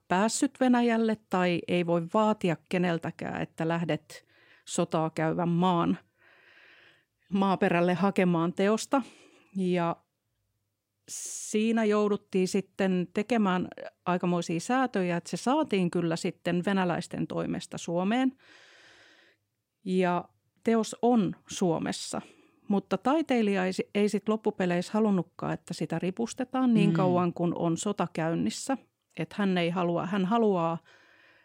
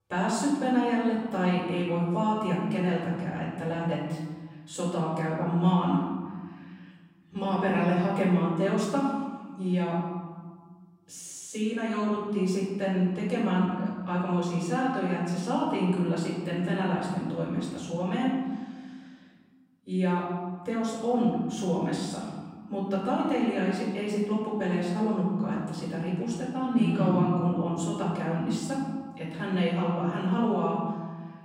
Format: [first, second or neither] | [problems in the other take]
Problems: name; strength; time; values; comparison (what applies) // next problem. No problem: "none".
first | off-mic speech; far // room echo; noticeable; dies away in 1.6 s